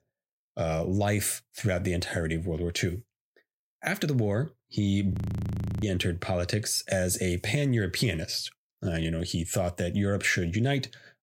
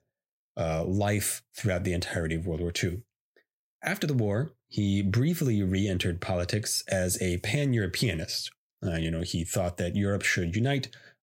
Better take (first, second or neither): second